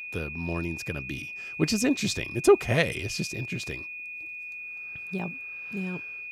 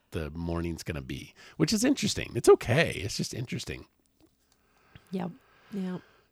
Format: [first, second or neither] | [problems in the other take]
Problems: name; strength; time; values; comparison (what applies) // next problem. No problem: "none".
second | high-pitched whine; loud; throughout; 2.5 kHz, 8 dB below the speech